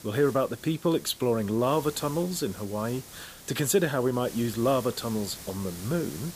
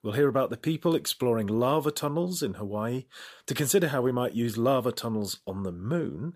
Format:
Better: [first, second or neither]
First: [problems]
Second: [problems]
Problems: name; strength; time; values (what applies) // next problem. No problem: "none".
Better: second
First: hiss; noticeable; throughout; 15 dB below the speech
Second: none